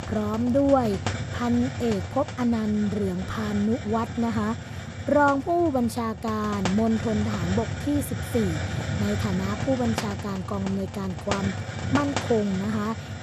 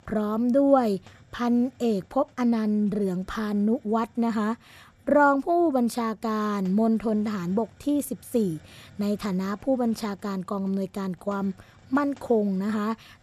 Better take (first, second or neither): second